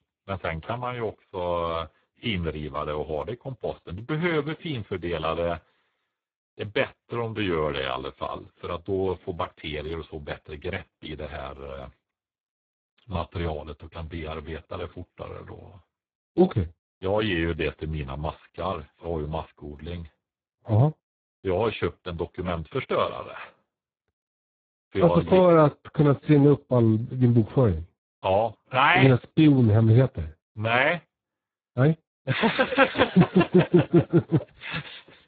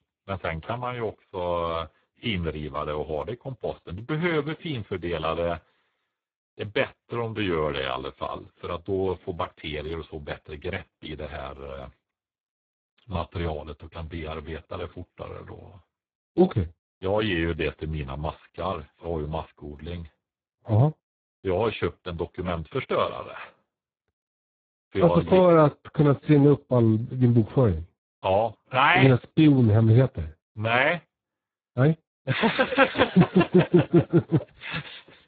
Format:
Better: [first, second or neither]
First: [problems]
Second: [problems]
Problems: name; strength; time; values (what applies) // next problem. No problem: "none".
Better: neither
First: garbled, watery; badly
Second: garbled, watery; badly